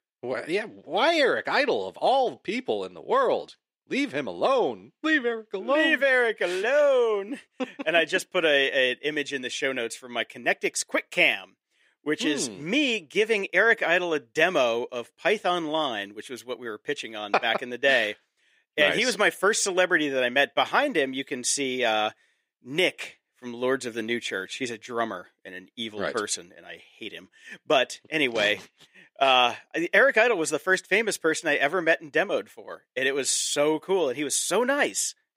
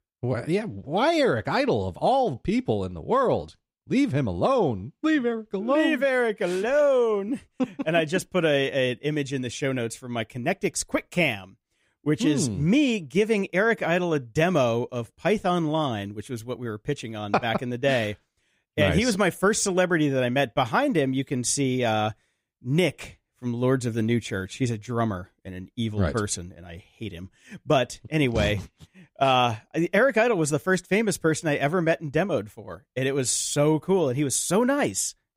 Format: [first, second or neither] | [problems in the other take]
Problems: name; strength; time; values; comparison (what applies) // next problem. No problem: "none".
second | thin; somewhat; fading below 400 Hz